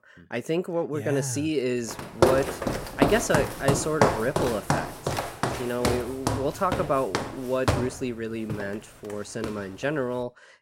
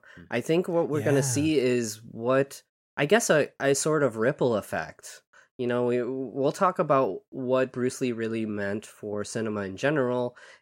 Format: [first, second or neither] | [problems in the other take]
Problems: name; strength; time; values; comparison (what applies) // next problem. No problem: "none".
second | footsteps; loud; from 2 to 9.5 s; peak 6 dB above the speech